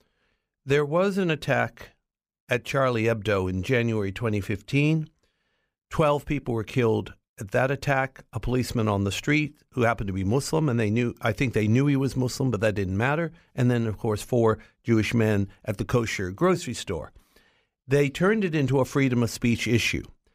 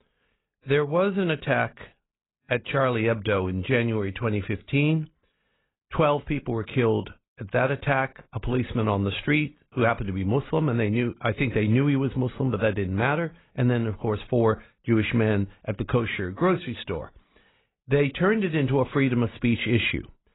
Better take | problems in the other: first | garbled, watery; badly; nothing above 4 kHz

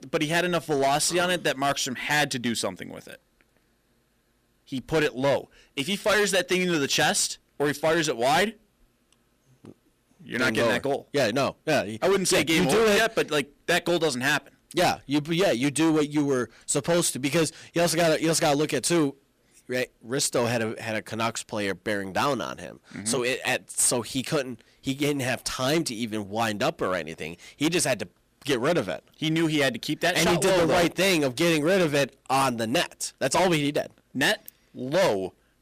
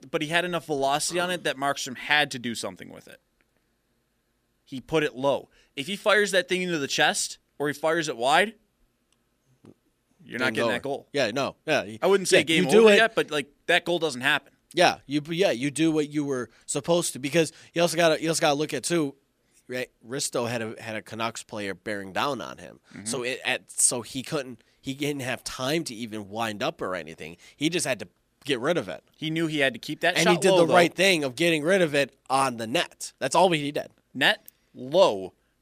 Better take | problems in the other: second | distortion; heavy; 12% of the sound clipped

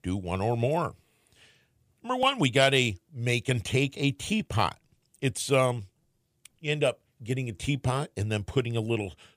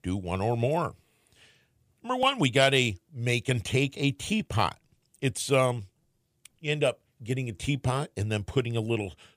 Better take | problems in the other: neither | none

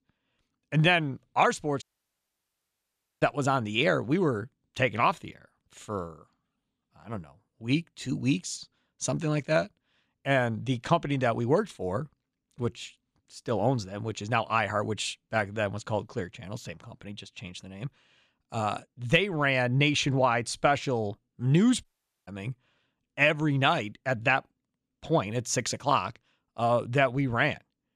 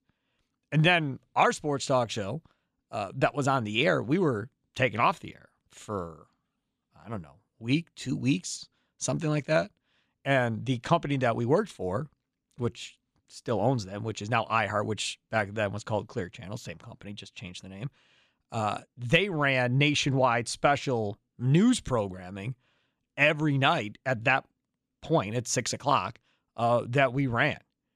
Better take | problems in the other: second | audio cutting out; at 2 s for 1.5 s and at 22 s

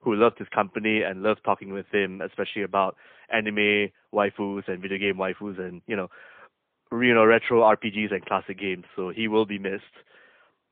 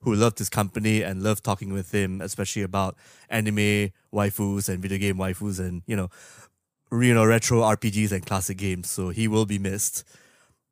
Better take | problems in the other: second | phone-call audio; poor line; nothing above 3 kHz

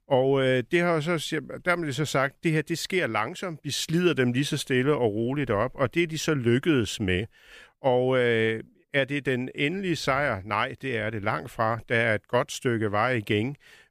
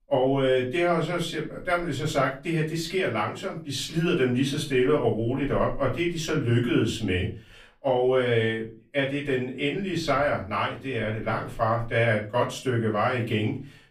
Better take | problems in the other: first | off-mic speech; far // room echo; slight; dies away in 0.3 s

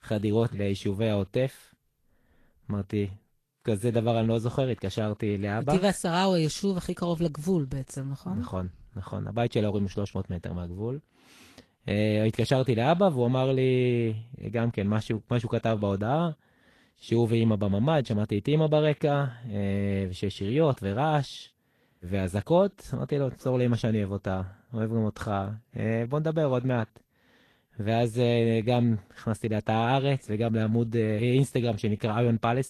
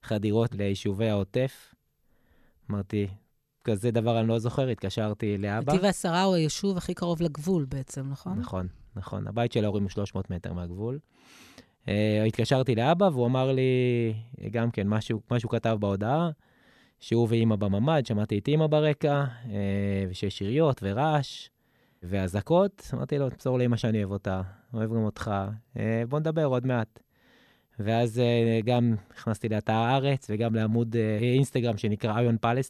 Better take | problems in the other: second | garbled, watery; slightly; nothing above 11.5 kHz

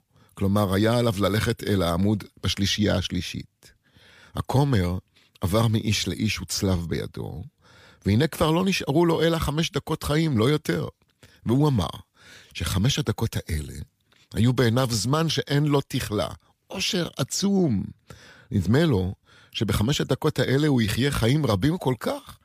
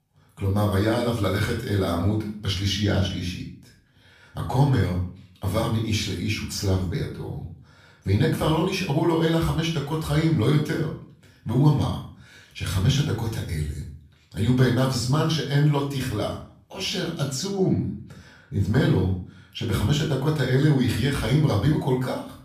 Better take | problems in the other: first | off-mic speech; far // room echo; noticeable; dies away in 0.4 s

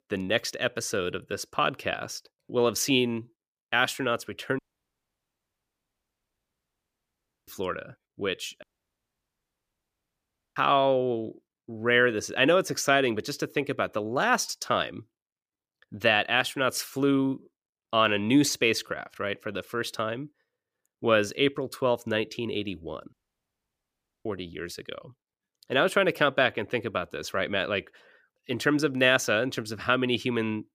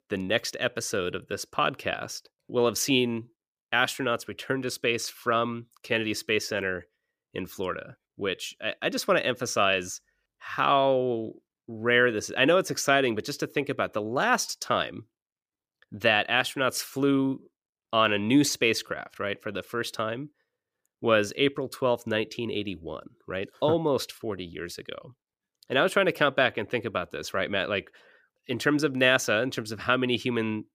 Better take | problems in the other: second | audio cutting out; at 4.5 s for 3 s, at 8.5 s for 2 s and at 23 s for 1 s

